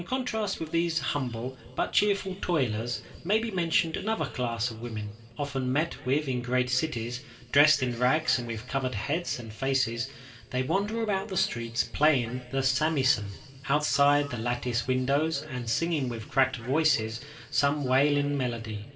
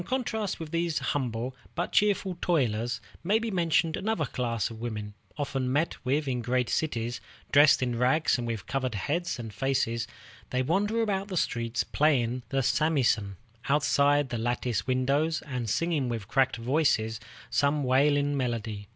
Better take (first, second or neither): second